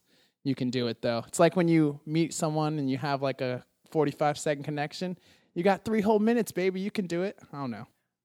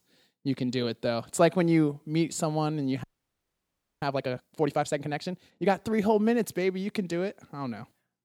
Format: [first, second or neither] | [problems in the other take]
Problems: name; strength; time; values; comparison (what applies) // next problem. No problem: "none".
first | audio freezing; at 3 s for 1 s